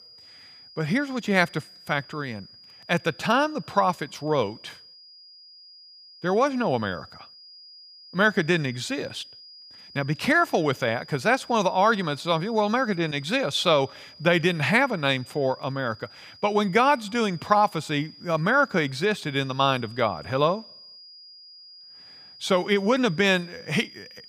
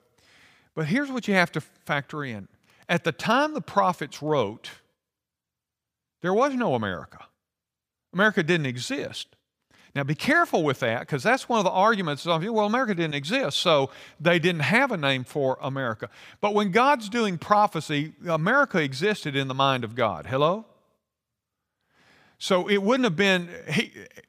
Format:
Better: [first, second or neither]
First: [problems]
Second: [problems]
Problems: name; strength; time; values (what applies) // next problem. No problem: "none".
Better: second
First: high-pitched whine; faint; throughout; 5 kHz, 20 dB below the speech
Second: none